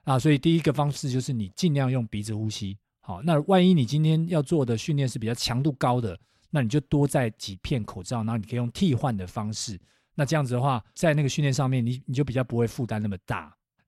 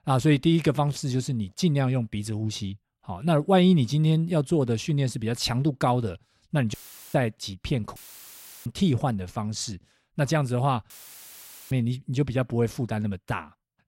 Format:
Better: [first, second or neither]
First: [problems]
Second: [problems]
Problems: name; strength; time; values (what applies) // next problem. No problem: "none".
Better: first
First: none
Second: audio cutting out; filled with static; at 6.5 s, at 8 s for 0.5 s and at 11 s for 1 s